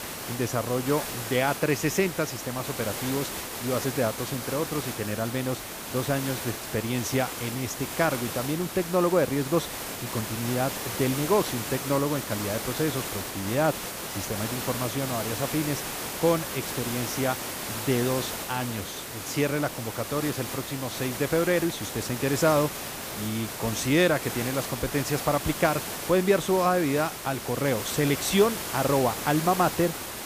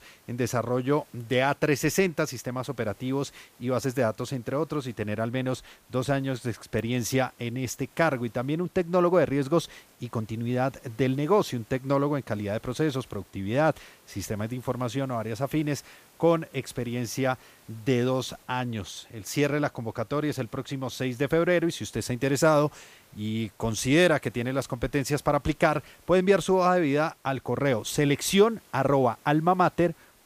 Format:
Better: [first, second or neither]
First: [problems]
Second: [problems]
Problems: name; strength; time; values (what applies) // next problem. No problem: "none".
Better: second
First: hiss; loud; throughout; 5 dB below the speech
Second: hiss; faint; throughout; 30 dB below the speech